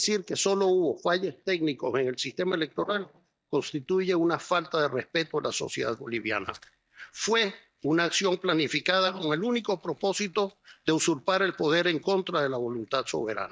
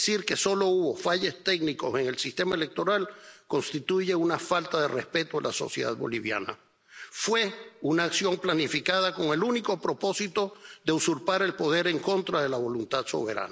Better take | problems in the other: second | noise reduction (neural mask model DeepFilterNet 3)

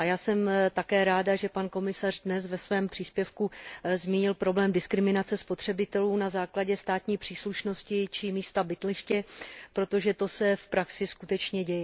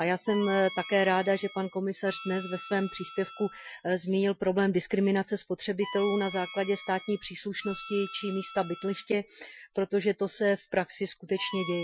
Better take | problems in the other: first | noise reduction (classical method Wiener filter)

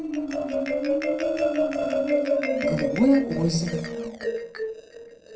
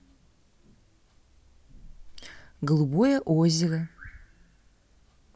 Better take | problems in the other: second | noise reduction (neural separator model SepFormer DNS4)

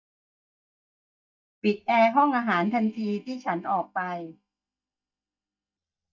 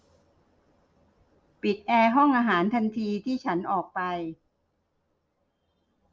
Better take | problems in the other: second | noise reduction (neural mask model DeepFilterNet 3)

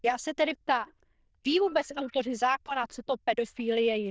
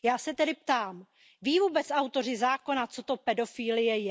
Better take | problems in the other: second | noise reduction (neural diffusion model UNIVERSE++)

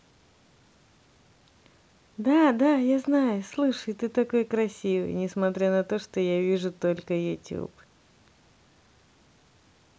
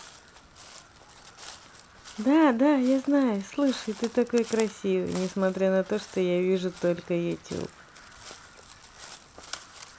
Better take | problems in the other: first | background sound (Crow); 19 dB below the speech

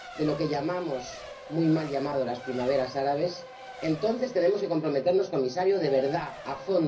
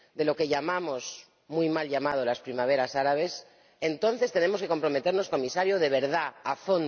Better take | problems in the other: second | background sound (Race car, auto racing); 16 dB below the speech // room echo; dies away in 0.4 s

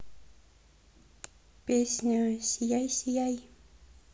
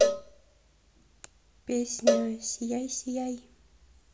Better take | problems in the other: first | background sound (Cowbell); 2 dB above the speech

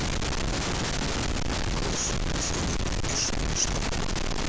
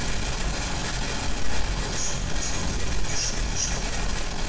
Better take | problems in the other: first | noise reduction (neural separator model SepFormer DNS4)

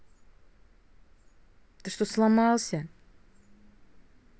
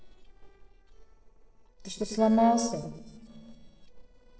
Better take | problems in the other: first | noise reduction (neural separator model SepFormer DNS4)

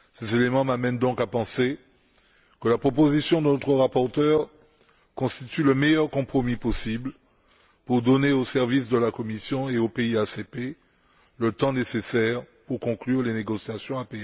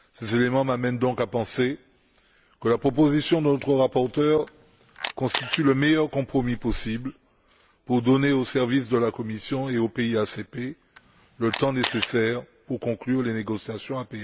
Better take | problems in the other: first | background sound (Camera); 8 dB below the speech

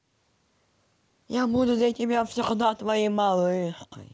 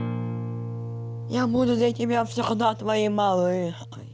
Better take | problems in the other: first | background sound (Acoustic guitar); 8 dB below the speech

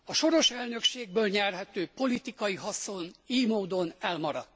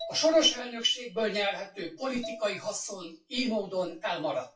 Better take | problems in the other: first | noise reduction (classical method WPE with log-MMSE)

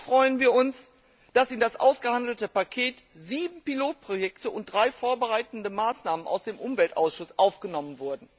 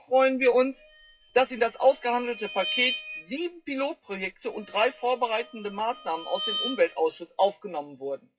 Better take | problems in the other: first | noise reduction (classical method WPE with log-MMSE)

